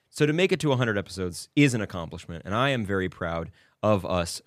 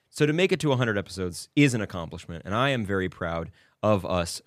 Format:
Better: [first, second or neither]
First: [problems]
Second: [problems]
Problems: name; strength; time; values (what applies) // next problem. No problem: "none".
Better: neither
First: none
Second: none